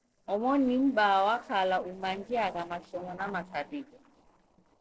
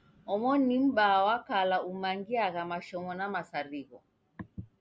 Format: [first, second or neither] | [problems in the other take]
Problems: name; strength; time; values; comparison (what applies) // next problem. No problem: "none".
second | noise reduction (neural separator model SepFormer DNS4)